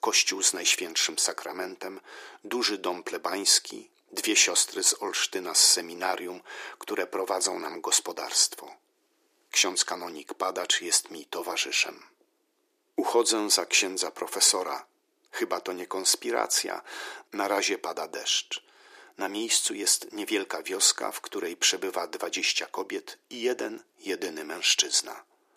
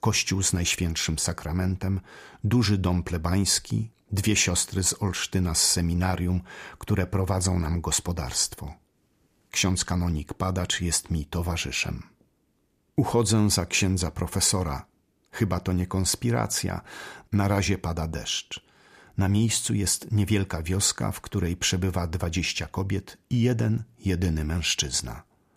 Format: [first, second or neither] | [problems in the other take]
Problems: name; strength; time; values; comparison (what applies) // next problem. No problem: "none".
second | thin; very; fading below 350 Hz